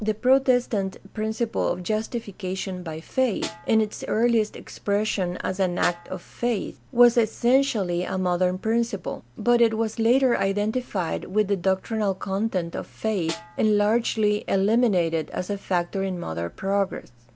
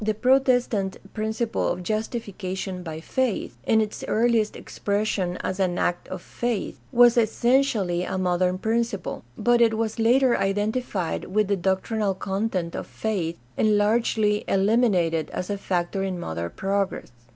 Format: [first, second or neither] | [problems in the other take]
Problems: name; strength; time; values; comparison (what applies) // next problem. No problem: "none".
second | background sound (Snare drum); 17 dB below the speech